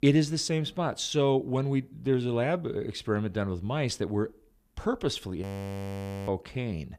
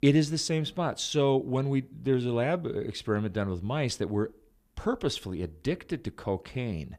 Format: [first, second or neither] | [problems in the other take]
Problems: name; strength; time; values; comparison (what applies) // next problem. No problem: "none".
second | audio freezing; at 5.5 s for 1 s